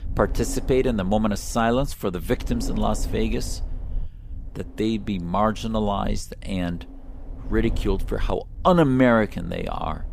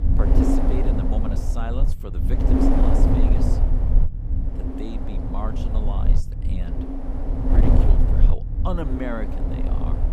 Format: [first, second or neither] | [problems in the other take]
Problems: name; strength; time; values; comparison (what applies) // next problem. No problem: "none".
first | wind noise on the microphone; heavy; 4 dB above the speech; occasional gusts in the first